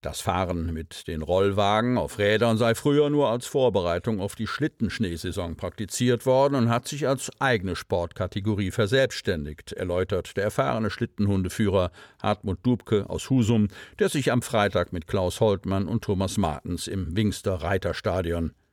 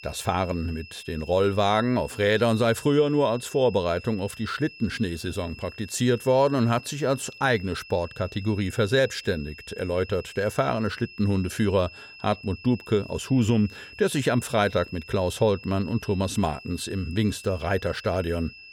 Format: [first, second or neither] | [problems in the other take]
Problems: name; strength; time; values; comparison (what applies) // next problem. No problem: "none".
first | high-pitched whine; noticeable; throughout; 2.5 kHz, 20 dB below the speech